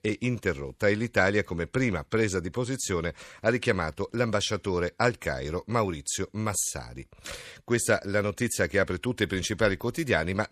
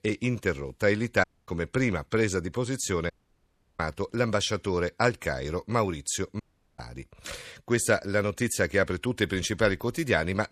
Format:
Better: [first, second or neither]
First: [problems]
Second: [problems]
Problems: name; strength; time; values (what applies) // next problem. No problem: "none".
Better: first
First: none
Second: audio cutting out; at 1 s, at 3 s for 0.5 s and at 6.5 s